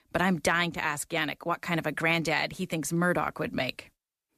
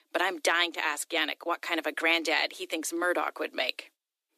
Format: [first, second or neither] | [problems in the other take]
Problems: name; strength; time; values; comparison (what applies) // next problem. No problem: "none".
first | thin; very; fading below 300 Hz